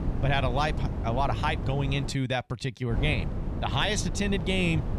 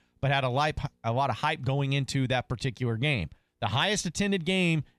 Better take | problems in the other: second | wind noise on the microphone; occasional gusts; until 2 s and from 3 s on; 10 dB below the speech

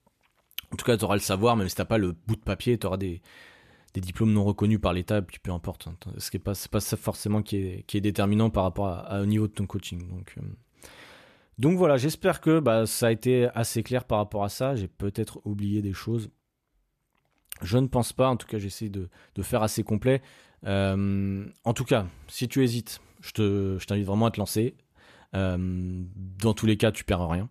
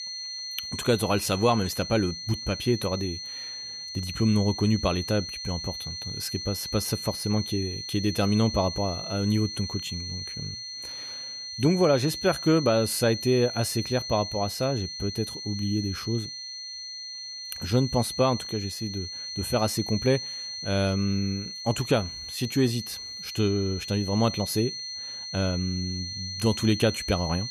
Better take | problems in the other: first | high-pitched whine; loud; throughout; 4.5 kHz, 7 dB below the speech

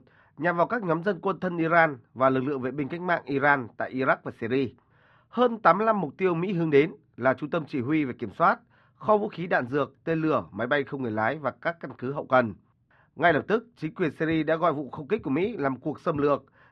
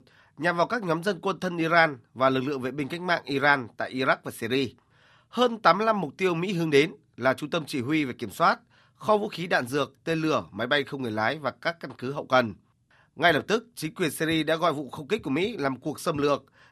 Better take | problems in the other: second | muffled; very; fading above 2 kHz

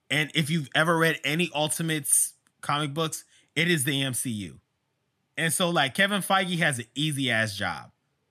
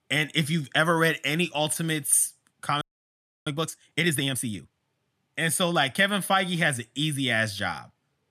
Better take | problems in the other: first | audio freezing; at 3 s for 0.5 s

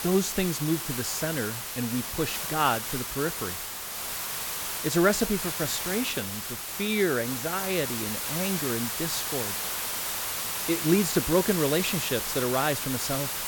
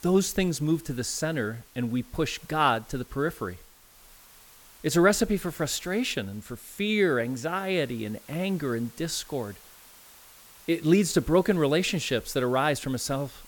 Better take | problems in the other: second | hiss; loud; throughout; 2 dB below the speech; faint in the second

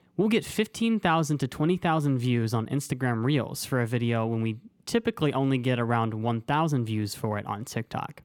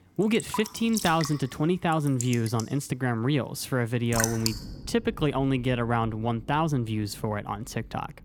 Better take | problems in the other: first | rain or running water; loud; throughout; 8 dB below the speech

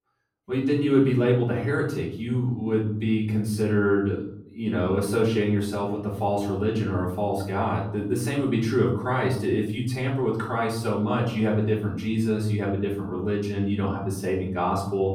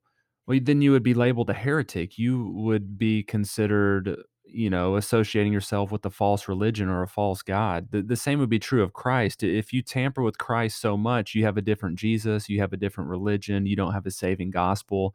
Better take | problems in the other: second | off-mic speech; far // room echo; noticeable; dies away in 0.6 s

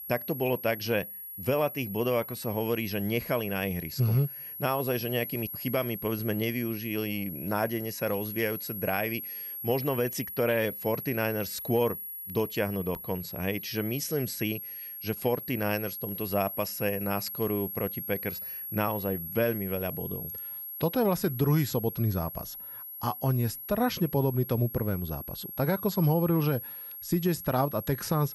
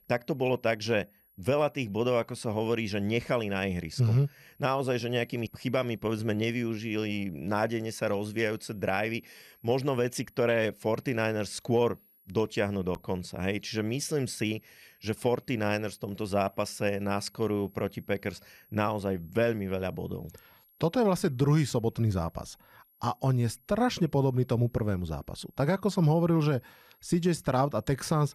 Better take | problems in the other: second | high-pitched whine; loud; throughout; 11.5 kHz, 7 dB below the speech; faint in the second

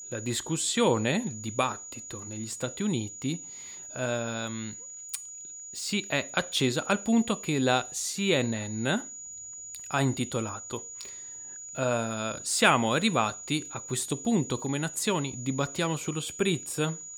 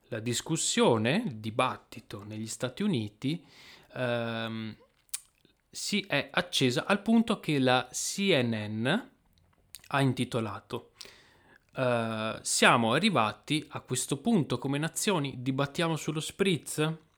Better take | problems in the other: second | high-pitched whine; noticeable; throughout; 7 kHz, 10 dB below the speech

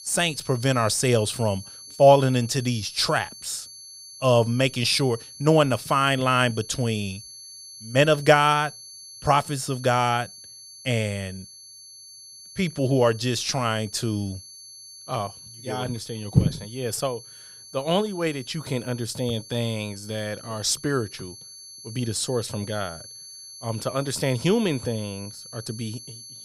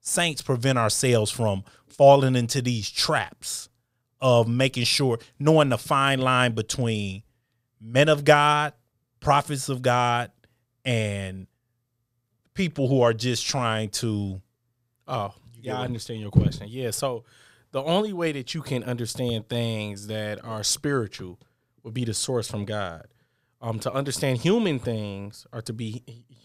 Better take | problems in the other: second | high-pitched whine; noticeable; throughout; 4.5 kHz, 15 dB below the speech

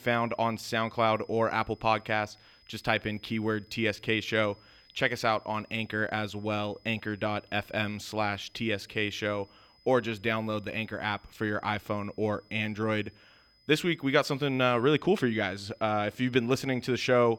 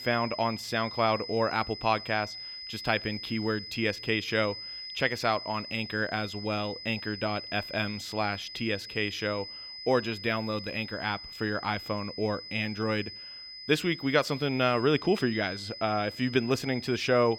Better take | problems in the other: first | high-pitched whine; loud; throughout; 5 kHz, 10 dB below the speech; faint in the first

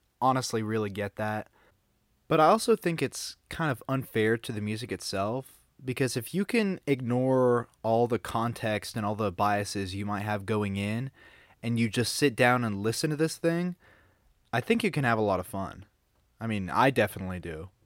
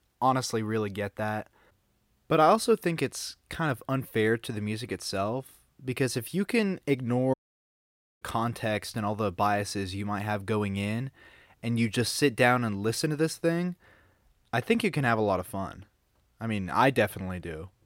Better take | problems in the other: first | audio cutting out; at 7.5 s for 1 s

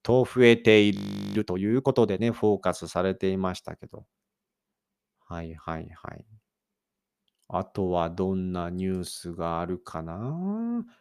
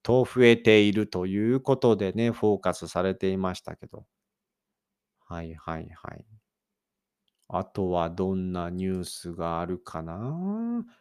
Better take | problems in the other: second | audio freezing; at 1 s

